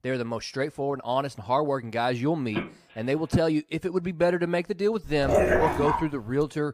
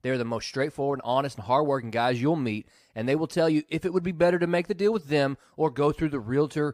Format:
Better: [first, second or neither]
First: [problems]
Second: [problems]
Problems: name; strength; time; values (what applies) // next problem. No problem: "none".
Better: second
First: phone ringing; noticeable; at 2.5 s; peak 3 dB below the speech // dog barking; loud; at 5 s; peak 6 dB above the speech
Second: none